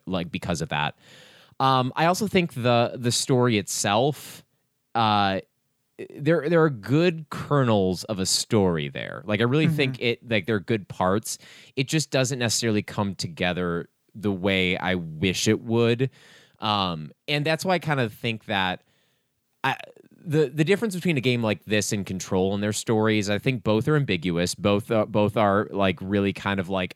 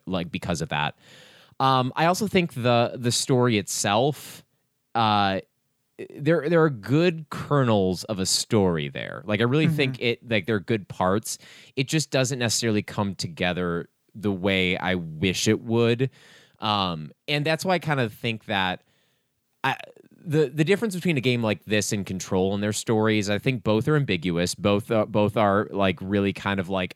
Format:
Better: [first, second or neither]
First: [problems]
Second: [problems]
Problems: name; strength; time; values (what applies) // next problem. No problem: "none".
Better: neither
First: none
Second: none